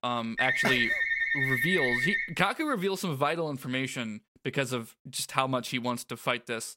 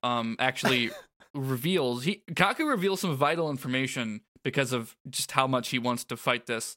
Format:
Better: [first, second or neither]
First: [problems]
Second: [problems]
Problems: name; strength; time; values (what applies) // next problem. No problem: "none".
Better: second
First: phone ringing; loud; until 2.5 s; peak 4 dB above the speech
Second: none